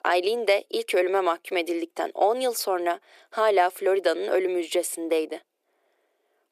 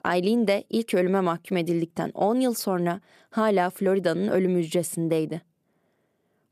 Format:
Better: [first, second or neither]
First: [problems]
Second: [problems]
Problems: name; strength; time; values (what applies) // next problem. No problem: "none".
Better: second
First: thin; very; fading below 350 Hz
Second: none